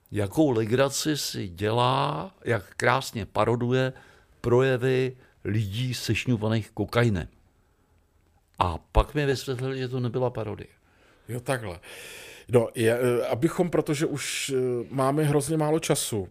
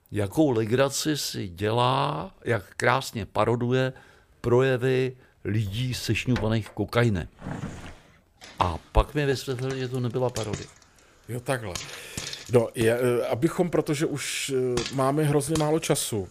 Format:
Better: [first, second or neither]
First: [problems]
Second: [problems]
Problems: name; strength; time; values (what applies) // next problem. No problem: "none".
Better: first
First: none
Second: household noises; noticeable; throughout; 15 dB below the speech